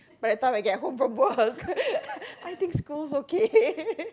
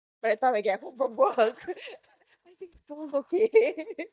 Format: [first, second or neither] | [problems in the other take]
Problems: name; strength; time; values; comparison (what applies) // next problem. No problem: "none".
first | noise reduction (neural mask model DeepFilterNet 3)